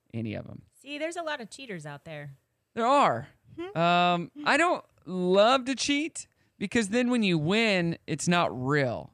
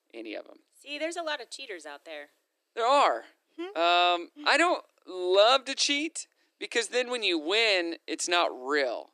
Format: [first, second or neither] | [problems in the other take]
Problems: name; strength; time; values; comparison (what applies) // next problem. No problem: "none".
first | thin; somewhat; fading below 300 Hz